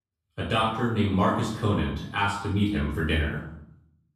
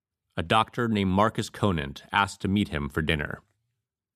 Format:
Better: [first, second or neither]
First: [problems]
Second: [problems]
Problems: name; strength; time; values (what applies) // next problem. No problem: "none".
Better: second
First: off-mic speech; far // room echo; noticeable; dies away in 0.6 s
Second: none